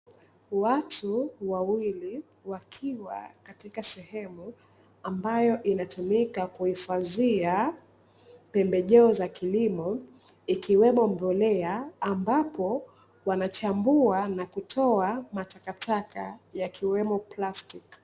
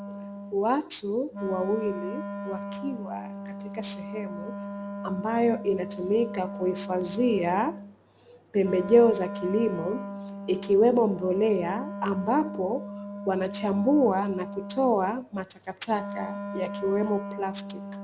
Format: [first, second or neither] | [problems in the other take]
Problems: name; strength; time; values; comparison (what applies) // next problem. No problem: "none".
first | background sound (Wind instrument, woodwind instrument); 9 dB below the speech